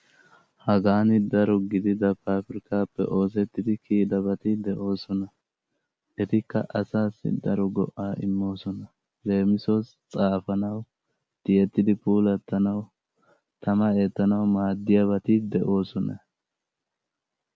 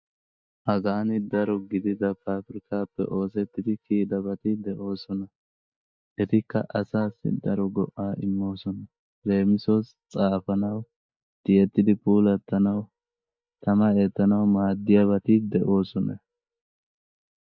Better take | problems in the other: first | noise reduction (neural mask model DeepFilterNet 3)

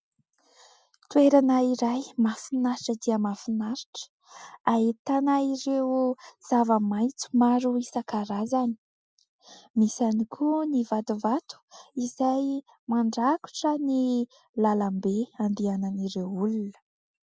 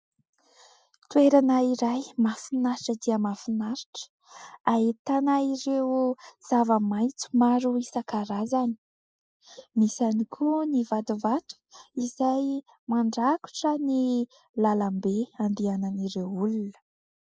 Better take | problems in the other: first | noise reduction (neural mask model Resemble Enhance denoiser)

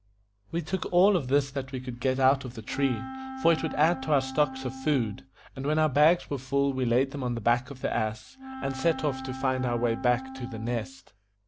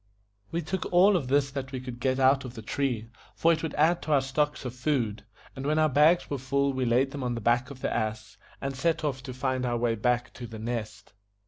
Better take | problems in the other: second | background sound (Wind instrument, woodwind instrument); 12 dB below the speech

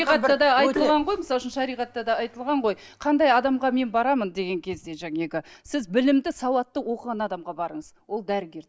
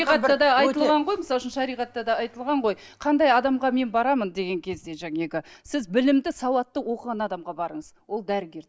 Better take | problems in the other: second | background sound (Tap); 11 dB below the speech

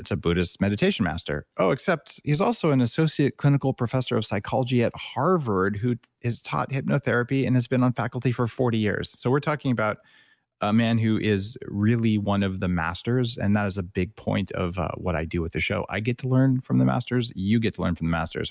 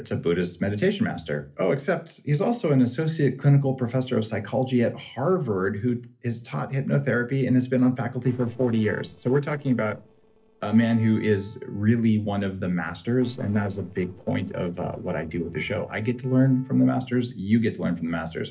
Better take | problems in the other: first | noise reduction (neural separator model SepFormer DNS4)

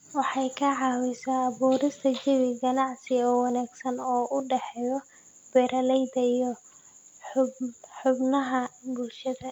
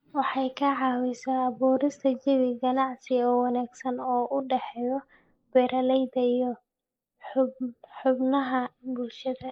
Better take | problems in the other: first | noise reduction (neural mask model Resemble Enhance denoiser)

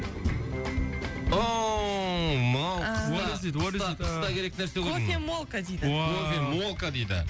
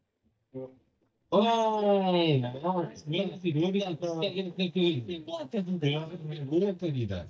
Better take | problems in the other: first | noise reduction (neural mask model DeepFilterNet 3)

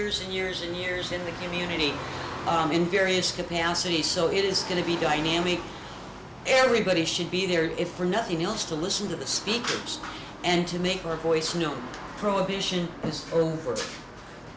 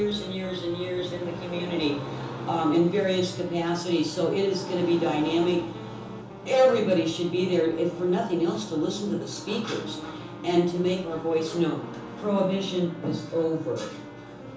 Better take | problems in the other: first | background sound (Wind instrument, woodwind instrument); 19 dB below the speech // room echo; dies away in 1.2 s

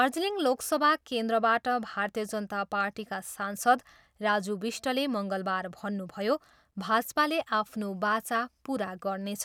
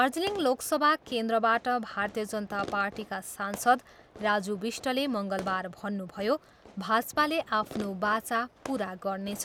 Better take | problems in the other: first | background sound (Fireworks); 18 dB below the speech

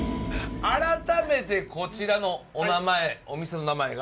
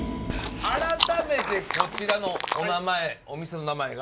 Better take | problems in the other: first | background sound (Chewing, mastication); 2 dB below the speech

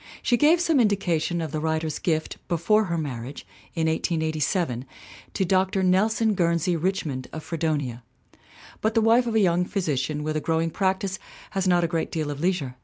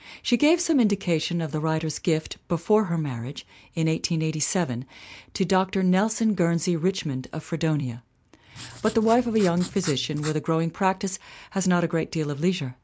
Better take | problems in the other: first | background sound (Writing); 15 dB below the speech

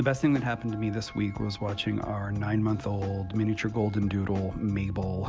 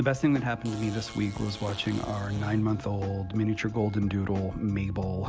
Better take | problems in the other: first | background sound (Fart); 18 dB below the speech

